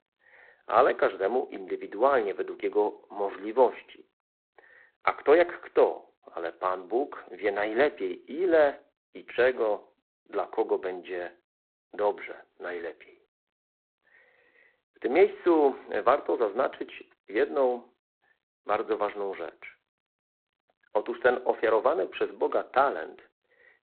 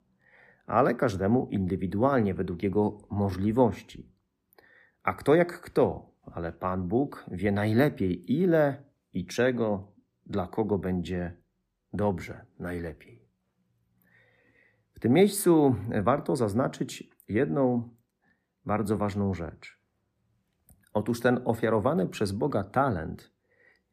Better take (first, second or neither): second